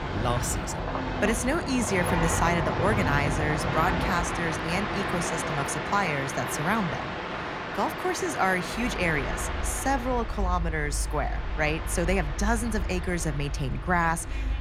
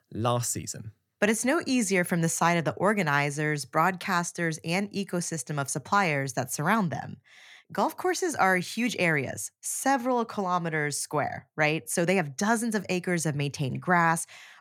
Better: second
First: train or aircraft noise; loud; throughout; 2 dB below the speech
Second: none

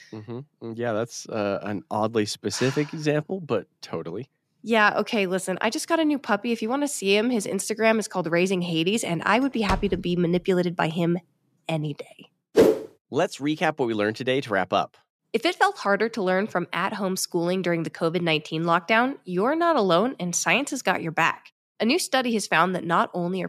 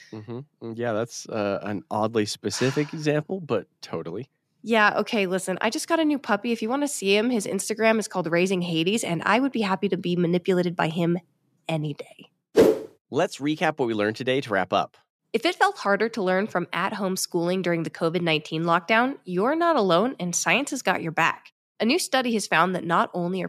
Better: second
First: door banging; noticeable; at 9.5 s; peak 8 dB below the speech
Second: none

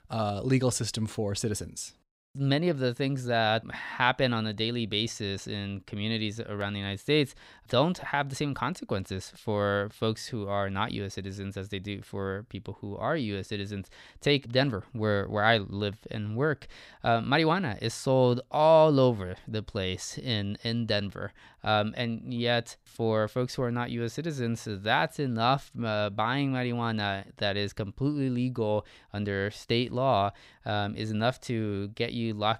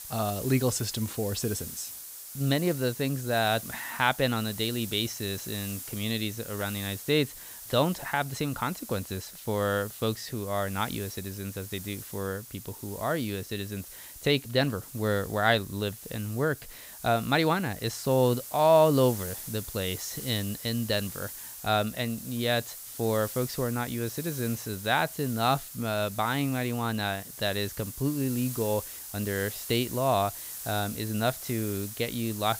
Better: first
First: none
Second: hiss; noticeable; throughout; 10 dB below the speech

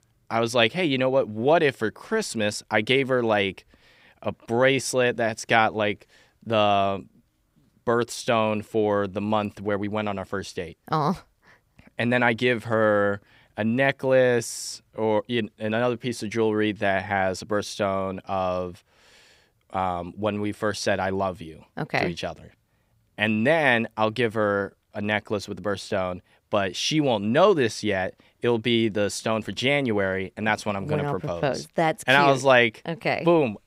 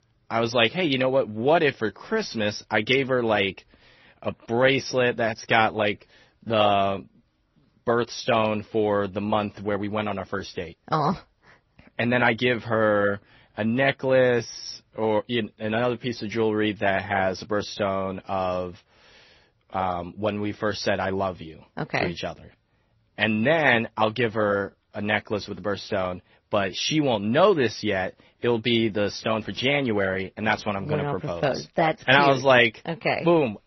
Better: first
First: none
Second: garbled, watery; slightly; nothing above 6 kHz

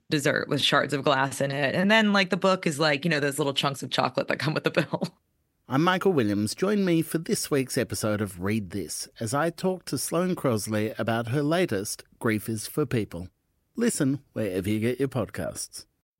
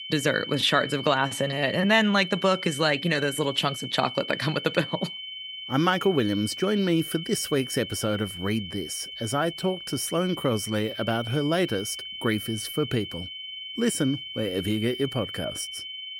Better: first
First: none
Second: high-pitched whine; loud; throughout; 3 kHz, 9 dB below the speech

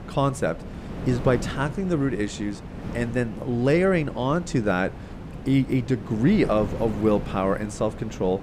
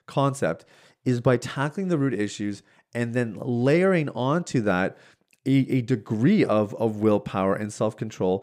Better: second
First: wind noise on the microphone; occasional gusts; 15 dB below the speech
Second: none

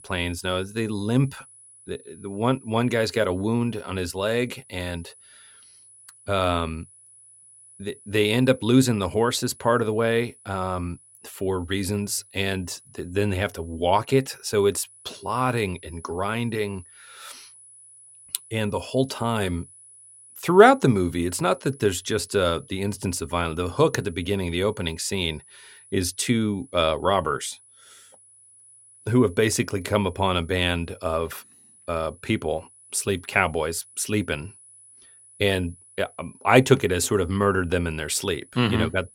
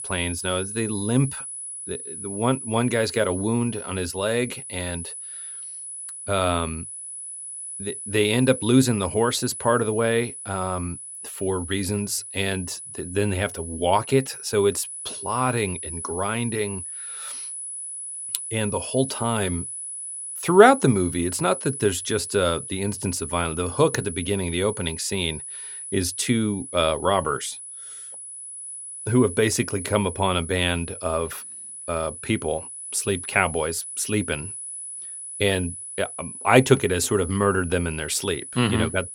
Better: first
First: high-pitched whine; faint; throughout; 10 kHz, 25 dB below the speech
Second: high-pitched whine; loud; throughout; 10 kHz, 9 dB below the speech

